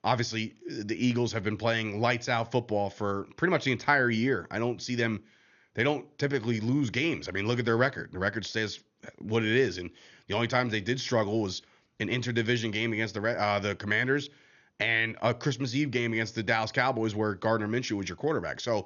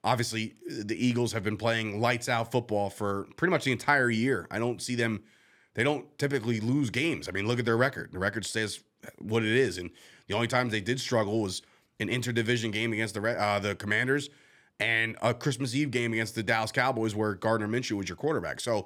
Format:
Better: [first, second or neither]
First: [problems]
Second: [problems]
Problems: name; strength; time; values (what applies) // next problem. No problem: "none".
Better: second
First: garbled, watery; slightly; nothing above 6.5 kHz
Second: none